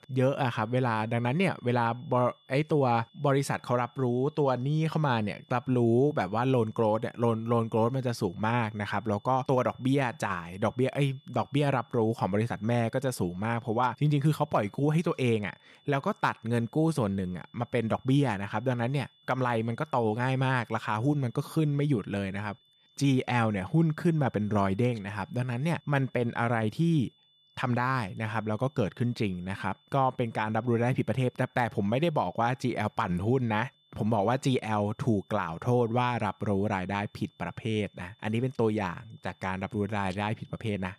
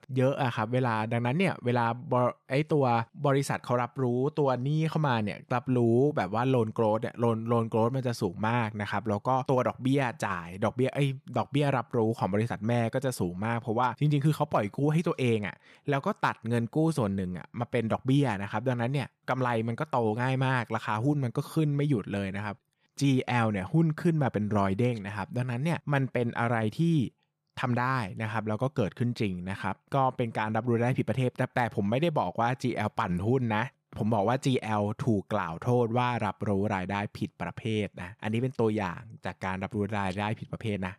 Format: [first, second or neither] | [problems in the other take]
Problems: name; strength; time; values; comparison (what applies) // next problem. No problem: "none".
second | high-pitched whine; faint; throughout; 3.5 kHz, 35 dB below the speech